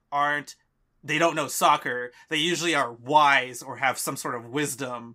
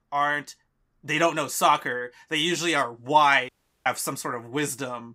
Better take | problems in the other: first | audio cutting out; at 3.5 s

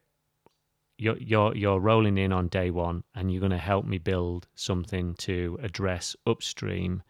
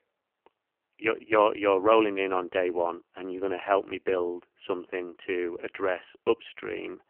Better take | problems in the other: first | phone-call audio; poor line; nothing above 3 kHz

